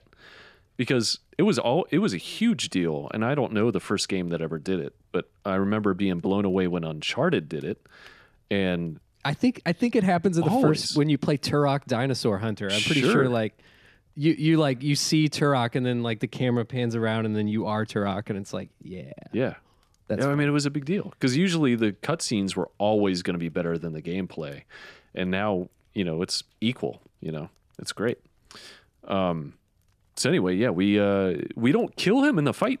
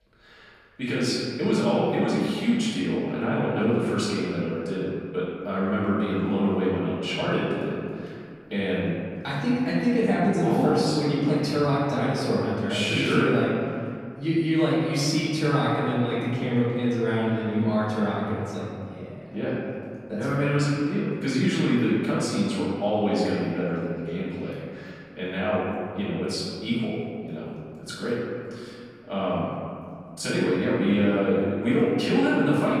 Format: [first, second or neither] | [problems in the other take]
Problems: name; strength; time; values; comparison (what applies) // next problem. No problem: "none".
first | room echo; strong; dies away in 2.1 s // off-mic speech; far